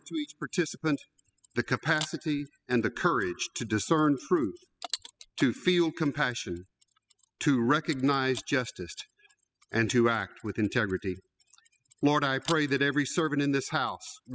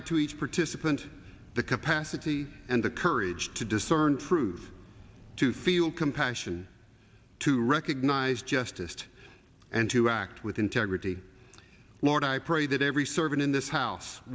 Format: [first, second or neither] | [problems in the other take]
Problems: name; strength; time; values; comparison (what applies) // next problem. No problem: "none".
second | noise reduction (classical method spectral subtraction)